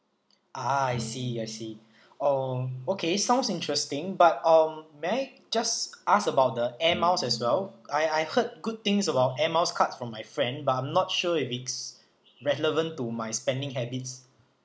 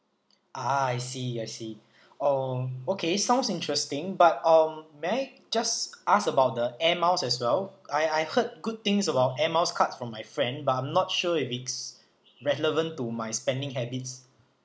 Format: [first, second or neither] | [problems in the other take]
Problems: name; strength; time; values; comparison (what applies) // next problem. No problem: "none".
second | background sound (Bowed string instrument); 19 dB below the speech